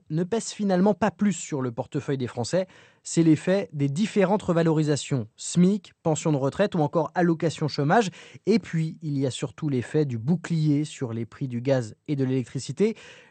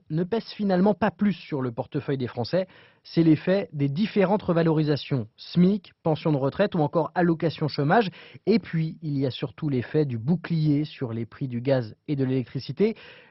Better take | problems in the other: first | garbled, watery; badly; nothing above 5.5 kHz; slightly in the first

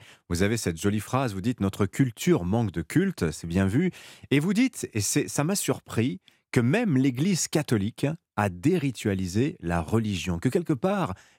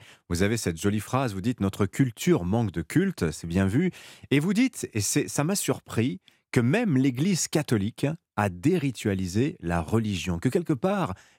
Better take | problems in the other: neither | none

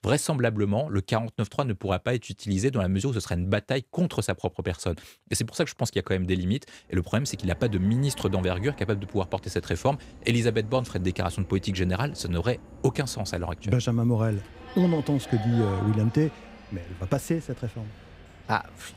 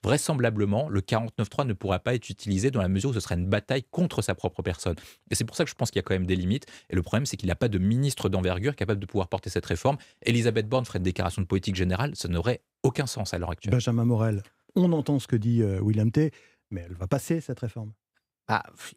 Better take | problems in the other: second | animal sounds; noticeable; from 7 s on; 15 dB below the speech

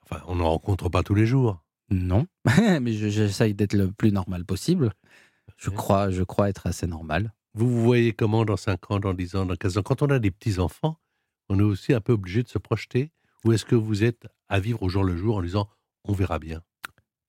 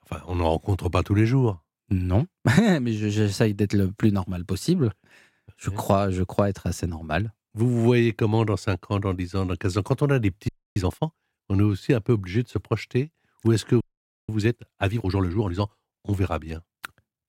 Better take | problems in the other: first | audio freezing; at 10 s and at 14 s

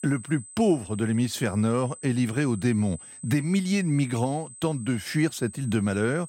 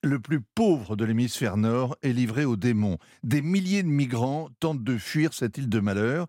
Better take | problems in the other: second | high-pitched whine; noticeable; throughout; 8 kHz, 15 dB below the speech

